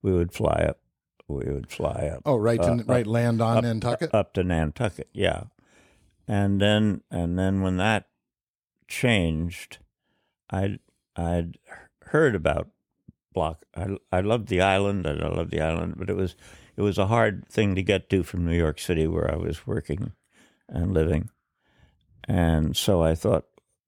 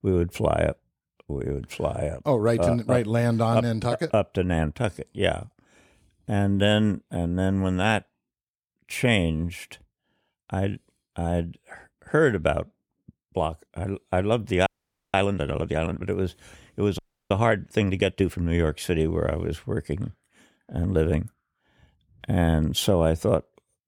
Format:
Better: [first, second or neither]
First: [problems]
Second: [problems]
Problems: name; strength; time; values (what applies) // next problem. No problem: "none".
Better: first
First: none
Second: audio freezing; at 15 s and at 17 s